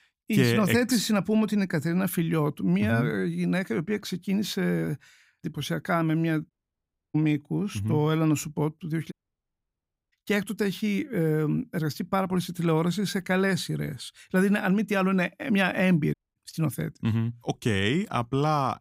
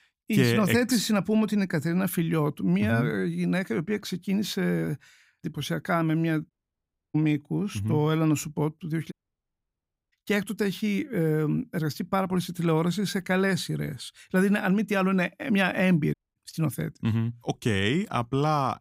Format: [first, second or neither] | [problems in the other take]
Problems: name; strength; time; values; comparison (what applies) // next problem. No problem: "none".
neither | audio cutting out; at 6.5 s for 0.5 s, at 9 s for 1 s and at 16 s; the same in both